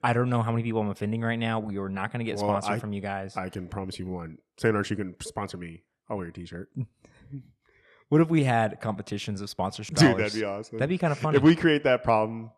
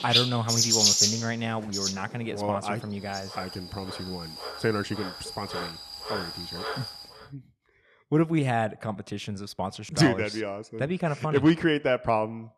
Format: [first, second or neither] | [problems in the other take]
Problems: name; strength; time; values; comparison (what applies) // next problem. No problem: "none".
first | animal sounds; very loud; until 7 s; 2 dB above the speech